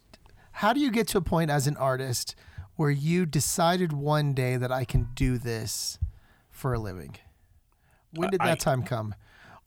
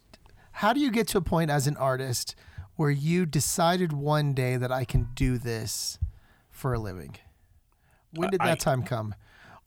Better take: neither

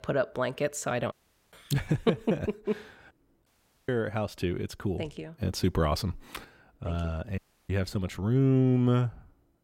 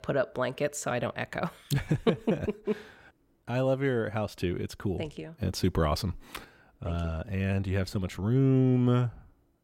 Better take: second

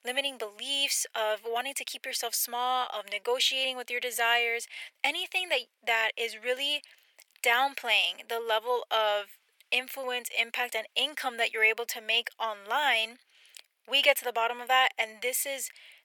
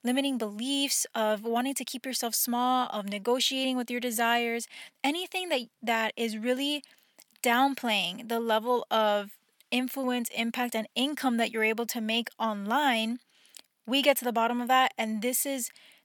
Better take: second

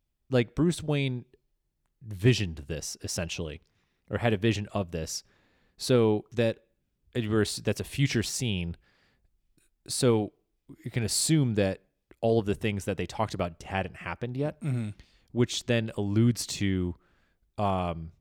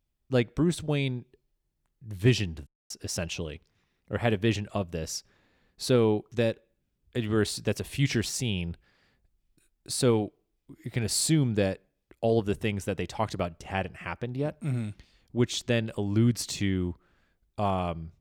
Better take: first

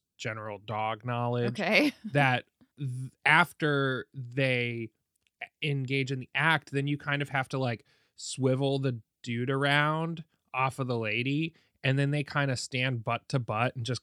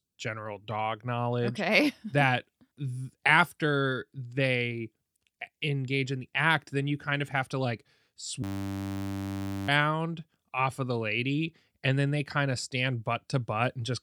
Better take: first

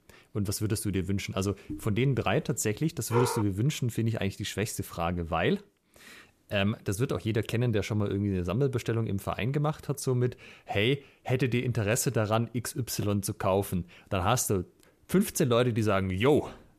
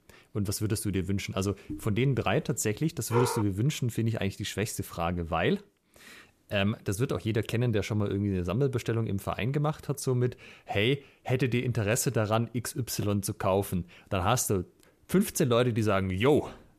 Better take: neither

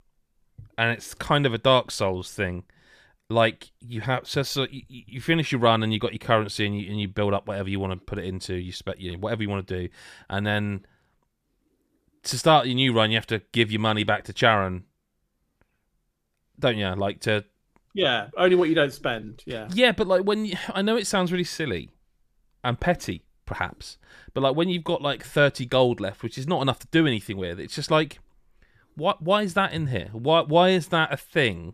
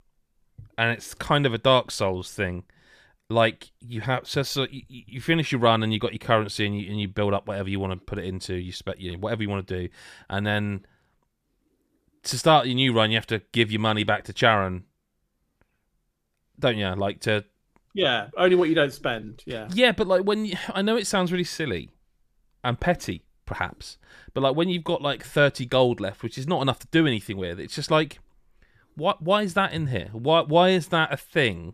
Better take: neither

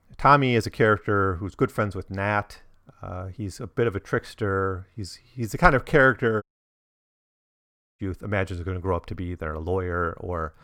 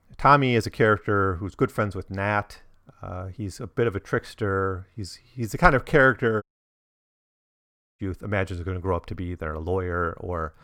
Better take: neither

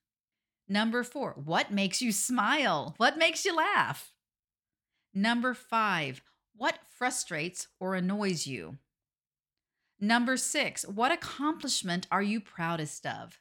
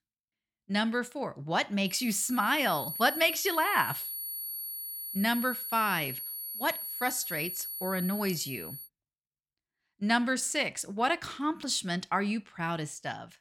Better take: first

